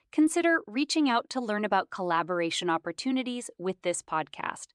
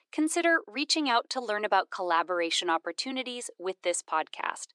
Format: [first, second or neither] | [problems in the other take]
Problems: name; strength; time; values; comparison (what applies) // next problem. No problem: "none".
first | thin; somewhat; fading below 350 Hz